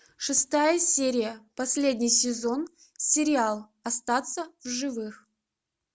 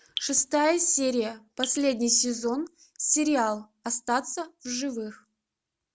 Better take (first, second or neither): first